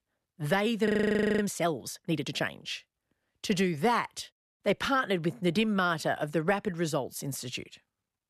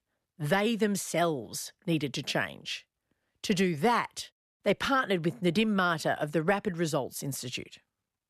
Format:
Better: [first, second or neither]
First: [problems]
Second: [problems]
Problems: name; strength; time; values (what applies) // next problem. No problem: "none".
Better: second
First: audio freezing; at 1 s for 0.5 s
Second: none